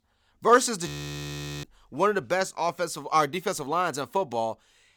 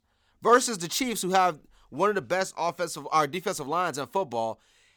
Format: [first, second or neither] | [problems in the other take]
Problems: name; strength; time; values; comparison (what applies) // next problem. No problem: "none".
second | audio freezing; at 1 s for 1 s